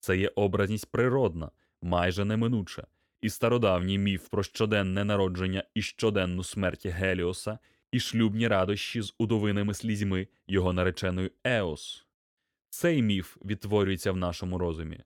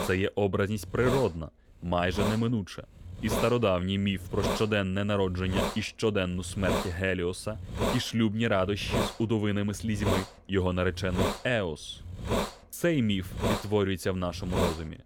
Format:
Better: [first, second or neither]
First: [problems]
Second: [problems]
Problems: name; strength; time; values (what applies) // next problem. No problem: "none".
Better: first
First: none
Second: hiss; loud; throughout; 4 dB below the speech